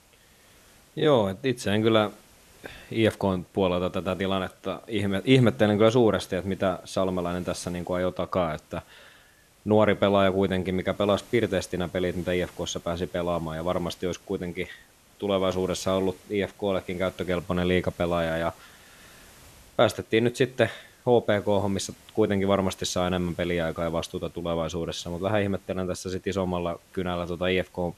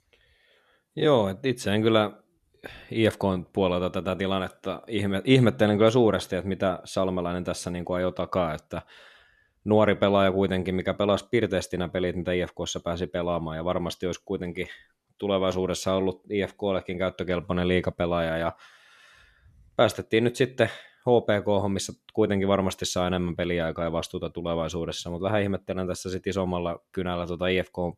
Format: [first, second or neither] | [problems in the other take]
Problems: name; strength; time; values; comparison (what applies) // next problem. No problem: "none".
second | hiss; faint; throughout; 25 dB below the speech